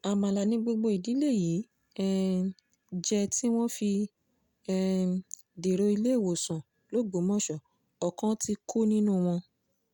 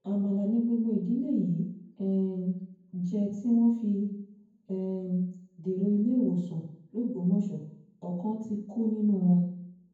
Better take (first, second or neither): first